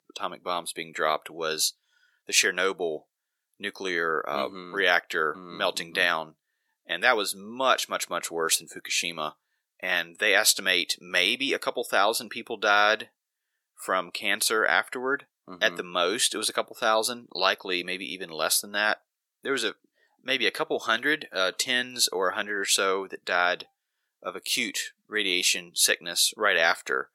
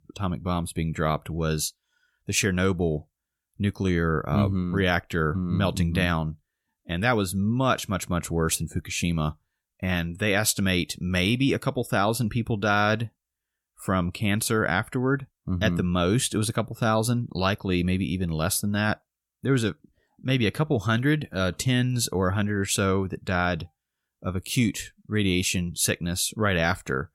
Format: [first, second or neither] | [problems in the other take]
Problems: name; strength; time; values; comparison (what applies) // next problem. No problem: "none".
second | thin; very; fading below 400 Hz